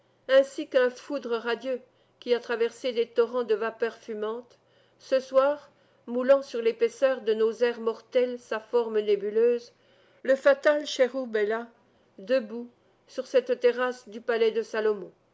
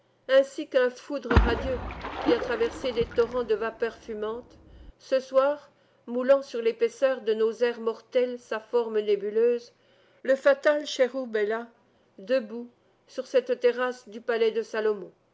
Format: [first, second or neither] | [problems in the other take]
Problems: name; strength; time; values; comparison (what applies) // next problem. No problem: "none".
first | background sound (Splash, splatter); 3 dB below the speech